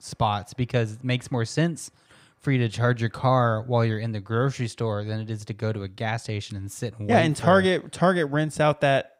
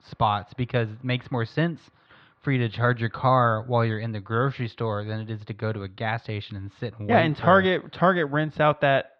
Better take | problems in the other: first | muffled; slightly; fading above 4 kHz

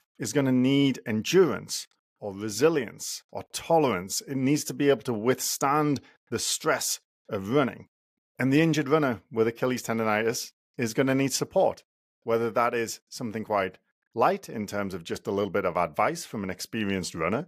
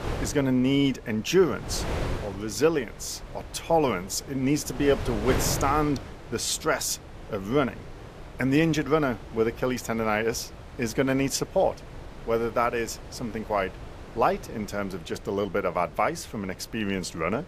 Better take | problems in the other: first | wind noise on the microphone; occasional gusts; 15 dB below the speech

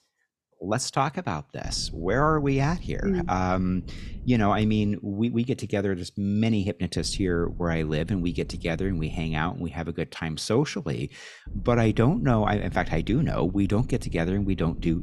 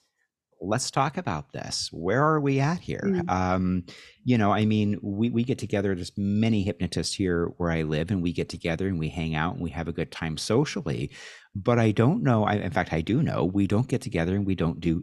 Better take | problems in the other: second | low rumble; faint; from 1.5 to 5 s, from 7 to 9.5 s and from 11 s on; 25 dB below the speech

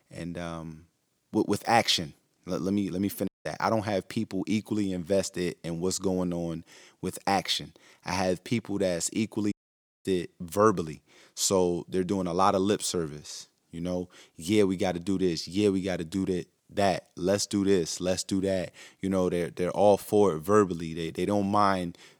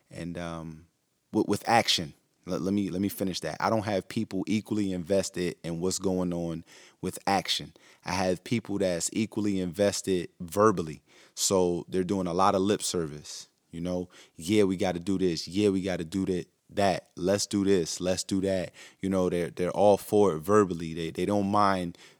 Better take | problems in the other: second | audio cutting out; at 3.5 s and at 9.5 s for 0.5 s

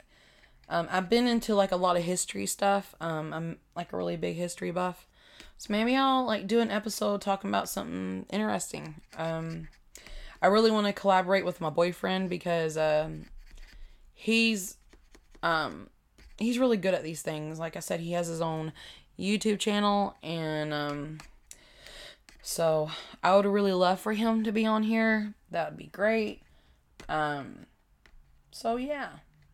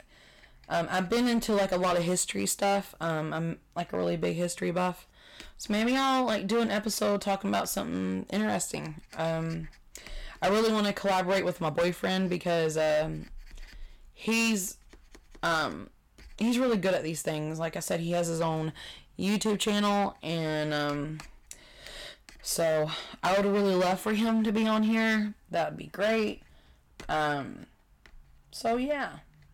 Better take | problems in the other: first | distortion; heavy; 11% of the sound clipped

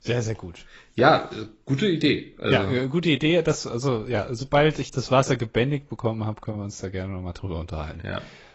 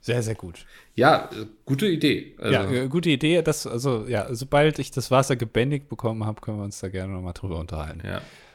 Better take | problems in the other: second | garbled, watery; badly; nothing above 7.5 kHz

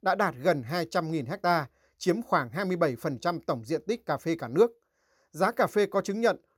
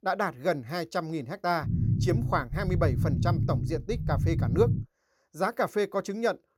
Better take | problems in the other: first | low rumble; noticeable; from 1.5 to 5 s; 10 dB below the speech

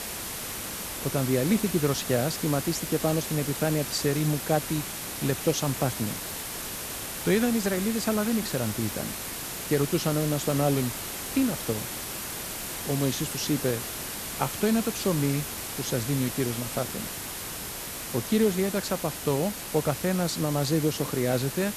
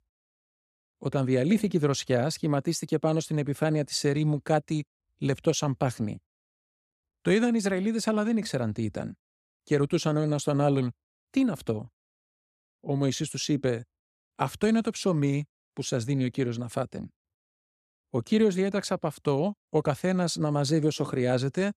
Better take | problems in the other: second | hiss; loud; throughout; 5 dB below the speech

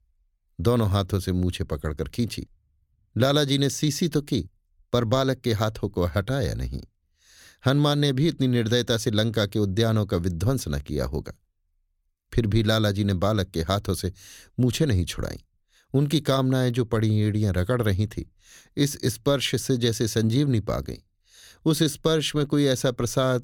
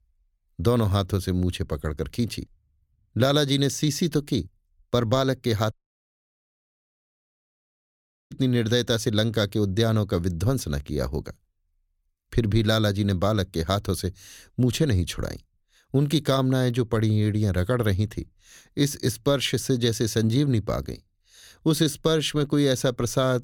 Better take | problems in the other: first | audio cutting out; at 5.5 s for 2.5 s

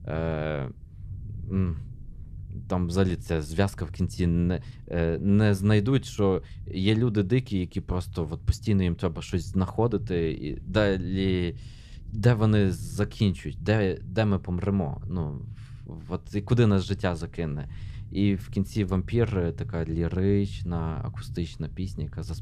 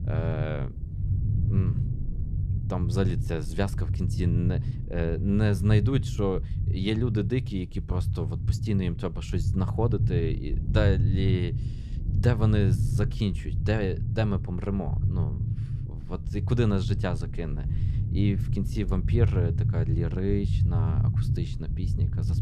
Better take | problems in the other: first | low rumble; loud; throughout; 8 dB below the speech; faint in the first

